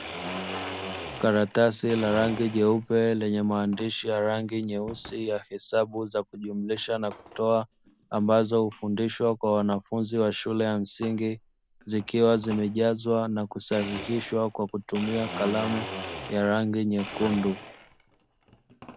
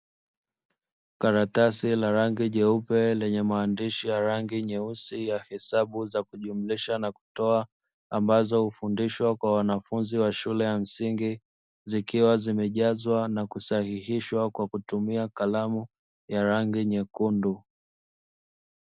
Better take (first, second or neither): second